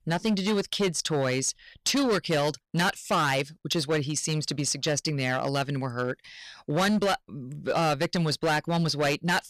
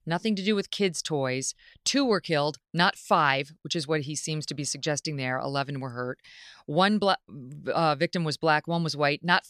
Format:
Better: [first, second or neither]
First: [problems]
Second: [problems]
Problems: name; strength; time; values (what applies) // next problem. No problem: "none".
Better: second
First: distortion; heavy; 13% of the sound clipped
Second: none